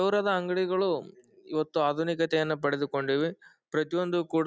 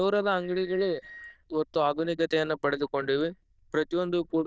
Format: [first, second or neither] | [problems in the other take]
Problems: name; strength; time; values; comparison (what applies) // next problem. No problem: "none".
first | noise reduction (neural diffusion model UNIVERSE++)